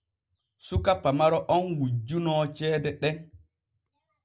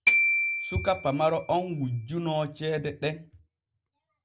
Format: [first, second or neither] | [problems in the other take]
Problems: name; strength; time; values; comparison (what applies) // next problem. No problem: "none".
first | background sound (Glockenspiel); as loud as the speech